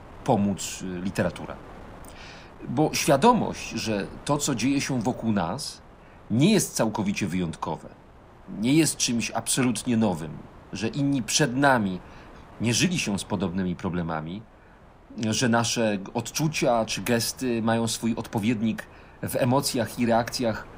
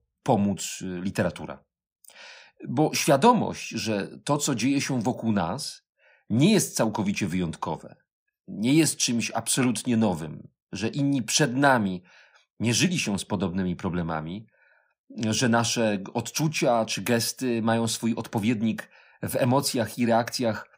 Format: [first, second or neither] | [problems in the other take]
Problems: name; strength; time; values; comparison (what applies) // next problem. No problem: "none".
second | wind noise on the microphone; occasional gusts; 20 dB below the speech